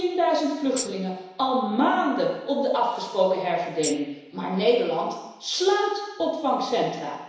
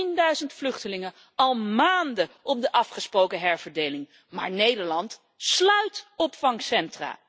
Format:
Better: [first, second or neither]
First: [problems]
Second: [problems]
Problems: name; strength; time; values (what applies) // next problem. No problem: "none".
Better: second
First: background sound (Tambourine); 12 dB below the speech // room echo; dies away in 1 s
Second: none